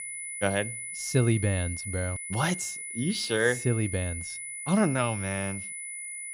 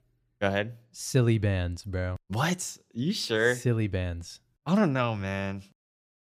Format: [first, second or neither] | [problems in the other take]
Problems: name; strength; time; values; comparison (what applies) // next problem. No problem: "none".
second | high-pitched whine; loud; throughout; 10 kHz, 6 dB below the speech